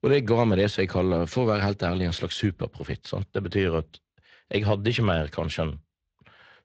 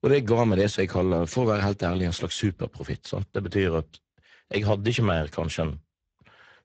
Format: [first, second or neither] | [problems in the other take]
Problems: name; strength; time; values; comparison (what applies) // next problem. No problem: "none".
first | garbled, watery; badly; nothing above 8 kHz; slightly in the first